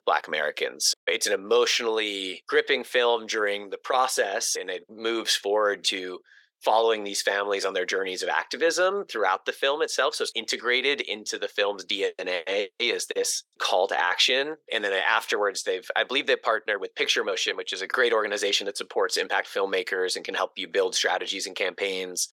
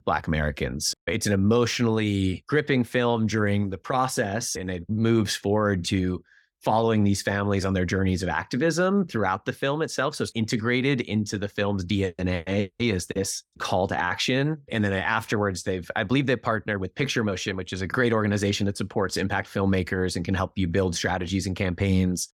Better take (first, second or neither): second